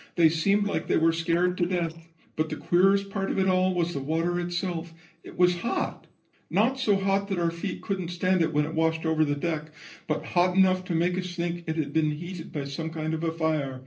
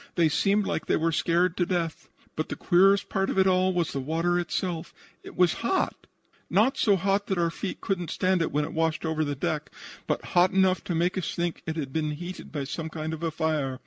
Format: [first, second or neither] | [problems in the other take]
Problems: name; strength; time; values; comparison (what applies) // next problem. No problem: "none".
second | noise reduction (neural separator model SepFormer DNS4)